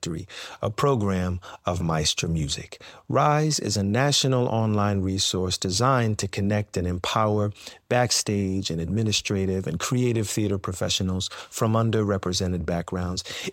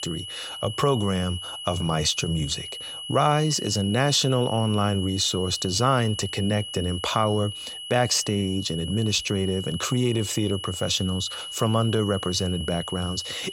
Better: first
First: none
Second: high-pitched whine; loud; throughout; 3 kHz, 9 dB below the speech

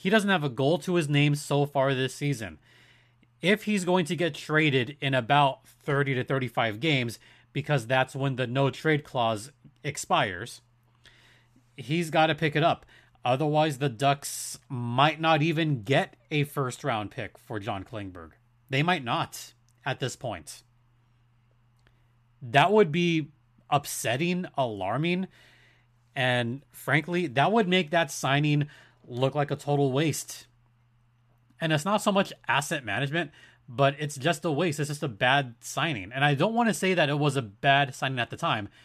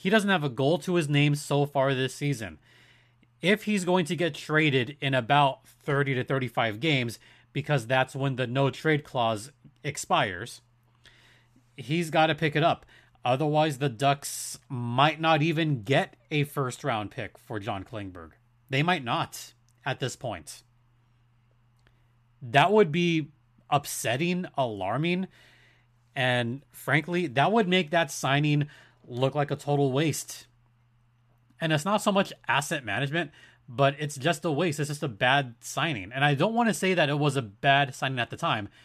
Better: neither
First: none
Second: none

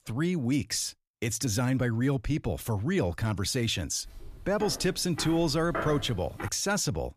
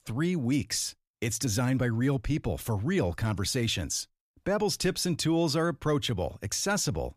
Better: second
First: footsteps; noticeable; from 4 to 6.5 s; peak 5 dB below the speech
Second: none

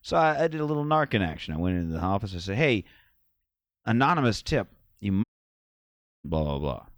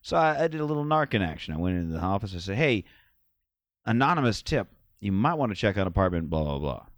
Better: second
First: audio cutting out; at 5 s for 1 s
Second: none

